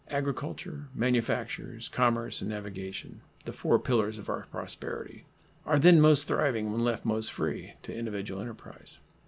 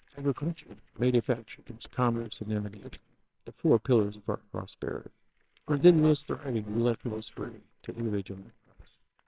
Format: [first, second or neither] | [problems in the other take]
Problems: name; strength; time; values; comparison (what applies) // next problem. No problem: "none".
first | noise reduction (neural separator model SepFormer WHAMR!)